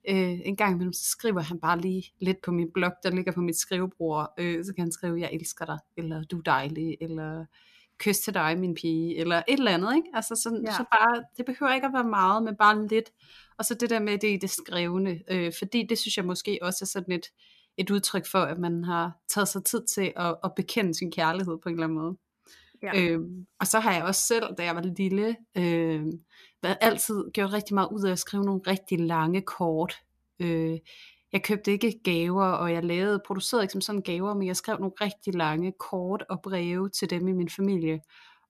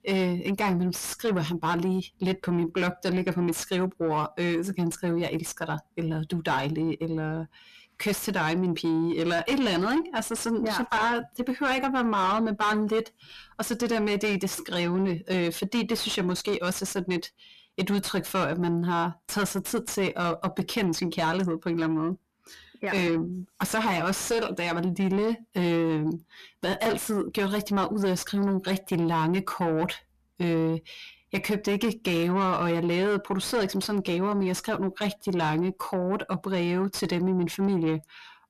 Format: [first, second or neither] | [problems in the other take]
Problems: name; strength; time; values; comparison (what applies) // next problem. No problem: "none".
first | distortion; heavy; 7 dB below the speech